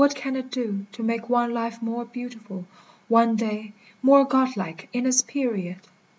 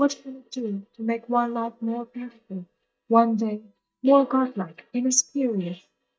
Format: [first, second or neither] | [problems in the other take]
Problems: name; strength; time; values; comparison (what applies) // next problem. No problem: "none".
first | noise reduction (neural mask model DeepFilterNet 3)